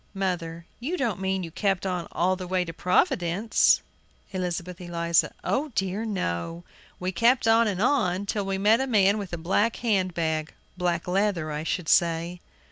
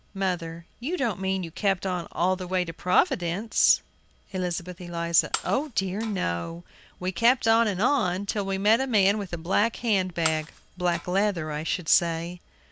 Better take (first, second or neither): first